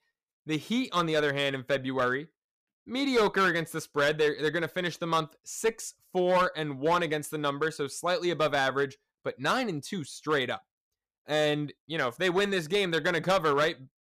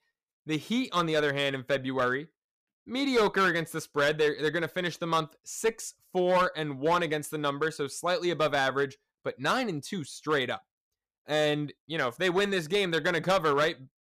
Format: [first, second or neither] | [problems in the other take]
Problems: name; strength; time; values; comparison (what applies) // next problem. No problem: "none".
neither | distortion; slight; 5% of the sound clipped; the same in both